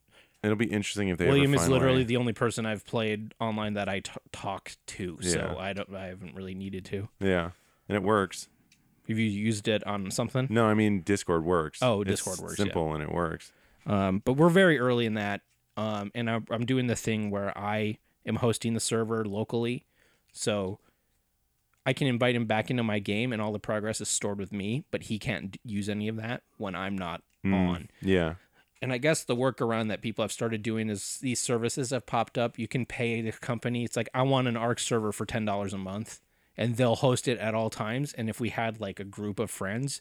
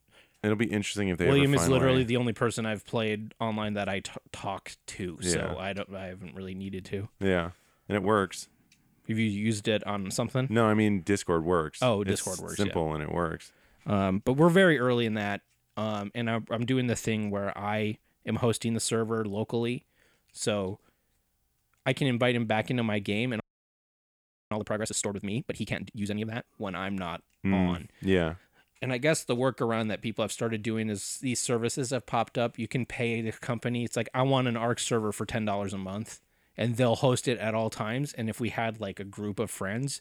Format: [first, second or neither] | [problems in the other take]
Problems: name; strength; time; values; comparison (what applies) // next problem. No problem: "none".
first | audio freezing; at 23 s for 1 s